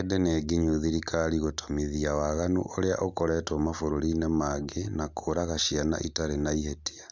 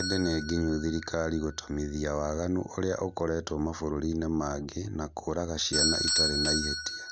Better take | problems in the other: first | background sound (Bell / Doorbell); 4 dB below the speech

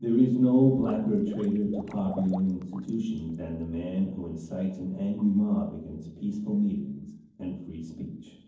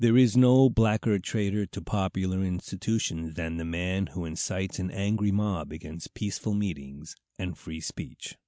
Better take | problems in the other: second | noise reduction (neural separator model SepFormer DNS4)

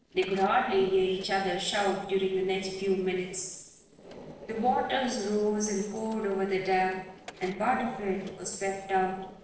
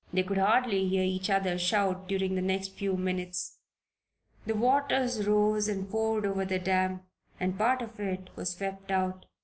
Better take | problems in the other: second | noise reduction (neural separator model SepFormer DNS4)

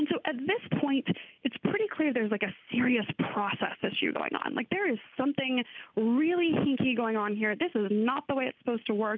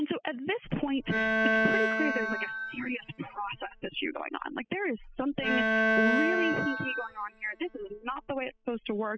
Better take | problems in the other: first | noise reduction (classical method spectral subtraction)

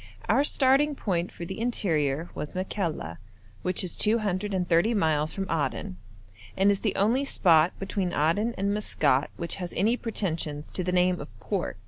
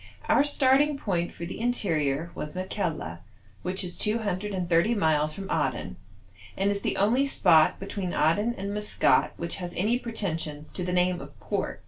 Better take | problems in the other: first | room echo; dies away in 0.2 s

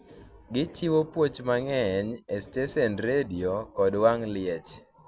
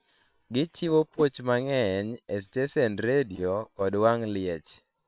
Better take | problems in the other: first | noise reduction (neural separator model SepFormer WHAM!)

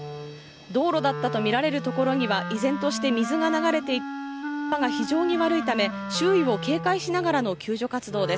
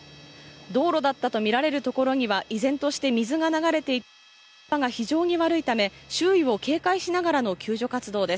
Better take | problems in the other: second | background sound (Wind instrument, woodwind instrument); 7 dB below the speech

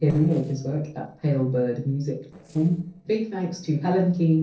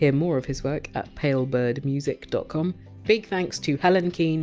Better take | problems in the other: second | noise reduction (neural separator model SepFormer DNS4)

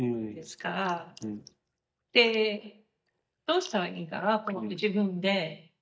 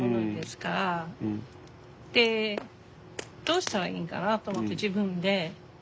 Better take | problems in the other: second | noise reduction (neural mask model DeepFilterNet 3)

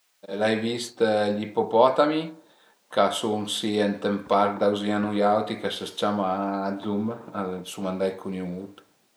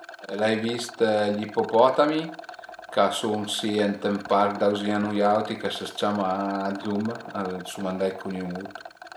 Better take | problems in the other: first | background sound (Rattle); 16 dB below the speech

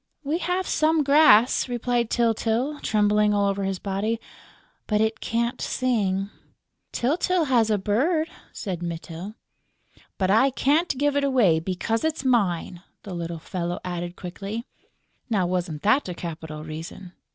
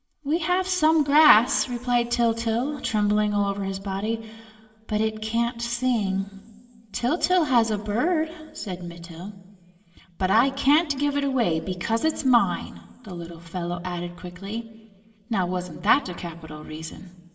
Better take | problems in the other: first | room echo; dies away in 2 s

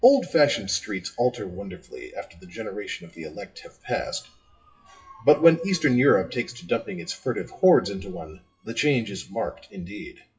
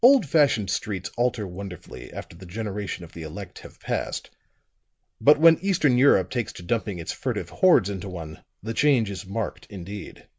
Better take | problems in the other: second | noise reduction (classical method WPE with log-MMSE)

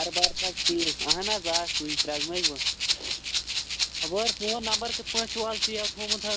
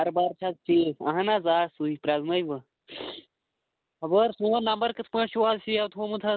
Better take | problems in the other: second | background sound (Rattle (instrument)); 5 dB above the speech

